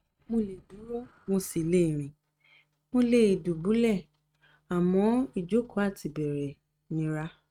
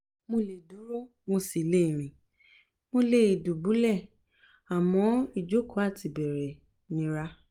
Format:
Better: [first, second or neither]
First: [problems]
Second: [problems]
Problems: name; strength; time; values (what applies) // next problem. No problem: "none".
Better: second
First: noise reduction (neural mask model RNNoise)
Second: none